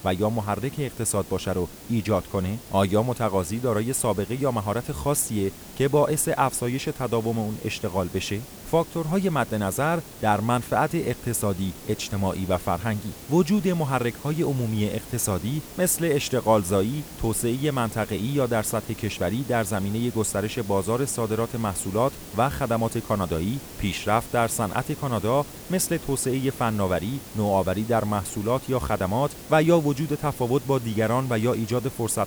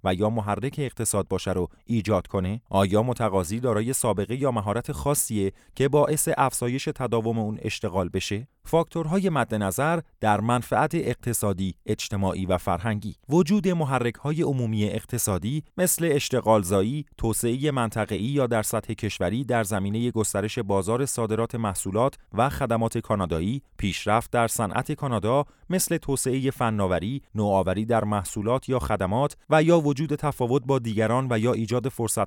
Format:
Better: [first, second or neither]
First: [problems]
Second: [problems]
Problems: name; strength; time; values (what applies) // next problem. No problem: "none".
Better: second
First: hiss; noticeable; throughout; 15 dB below the speech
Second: none